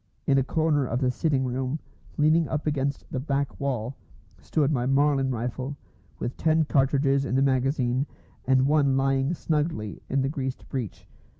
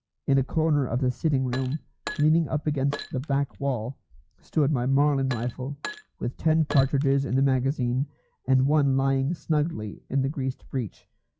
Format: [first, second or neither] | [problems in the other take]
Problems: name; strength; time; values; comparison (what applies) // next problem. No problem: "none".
first | noise reduction (classical method log-MMSE)